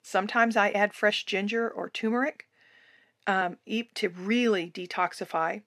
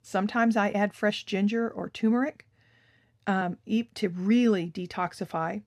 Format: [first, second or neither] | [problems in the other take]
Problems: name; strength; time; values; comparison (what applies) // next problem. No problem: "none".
second | thin; somewhat; fading below 350 Hz